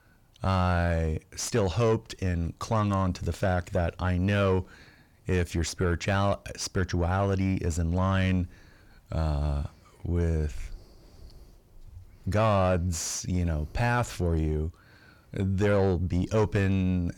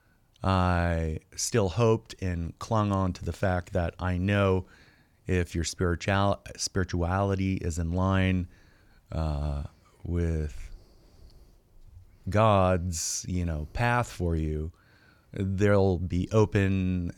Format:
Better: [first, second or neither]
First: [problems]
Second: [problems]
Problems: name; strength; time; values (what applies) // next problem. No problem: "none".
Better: second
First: distortion; slight; 10 dB below the speech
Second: none